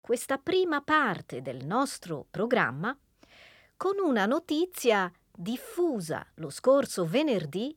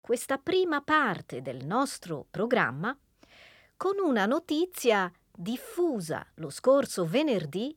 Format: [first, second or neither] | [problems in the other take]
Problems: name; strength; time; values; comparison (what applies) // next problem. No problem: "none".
neither | none